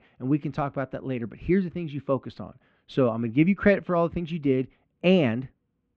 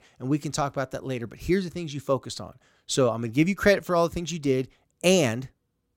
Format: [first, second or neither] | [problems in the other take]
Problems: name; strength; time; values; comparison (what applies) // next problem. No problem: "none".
second | muffled; very; fading above 2.5 kHz